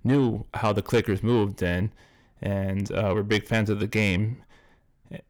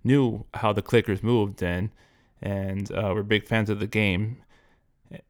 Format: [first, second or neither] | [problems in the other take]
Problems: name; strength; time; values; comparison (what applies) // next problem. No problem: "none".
second | distortion; slight; 10 dB below the speech